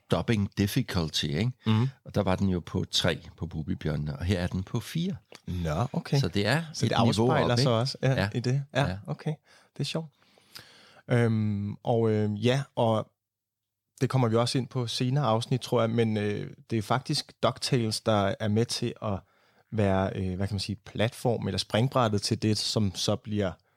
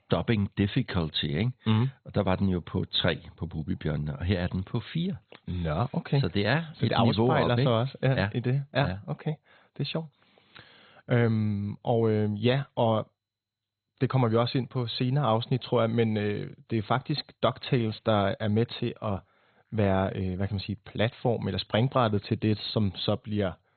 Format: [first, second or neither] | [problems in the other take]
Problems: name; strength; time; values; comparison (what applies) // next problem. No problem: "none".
first | garbled, watery; badly; nothing above 4 kHz